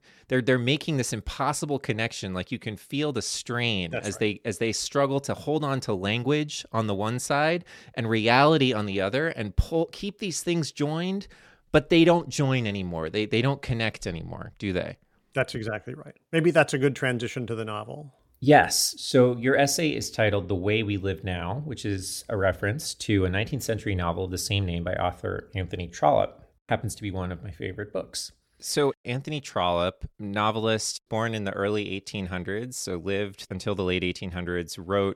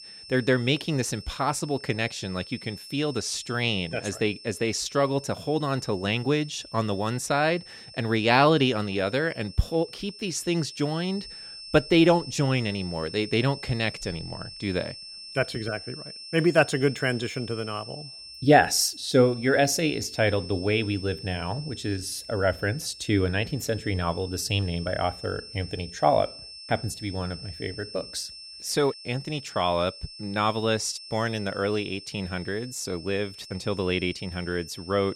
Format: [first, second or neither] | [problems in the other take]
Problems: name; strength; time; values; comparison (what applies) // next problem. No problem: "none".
first | high-pitched whine; noticeable; throughout; 5.5 kHz, 15 dB below the speech